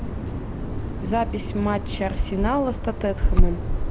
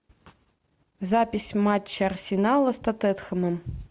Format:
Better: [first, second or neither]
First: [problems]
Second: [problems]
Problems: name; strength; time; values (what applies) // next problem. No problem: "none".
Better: second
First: background sound (Bird vocalization, bird call, bird song); 4 dB above the speech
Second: none